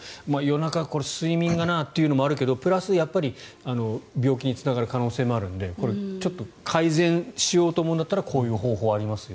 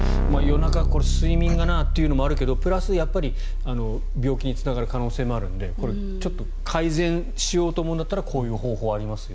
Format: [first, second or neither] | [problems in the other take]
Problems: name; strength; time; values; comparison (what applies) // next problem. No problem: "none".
first | background sound (Keyboard (musical)); 3 dB above the speech